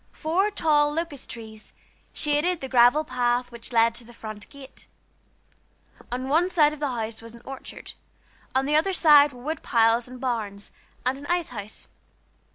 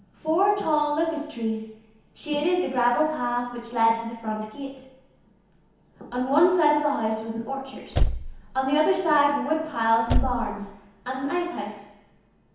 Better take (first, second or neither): first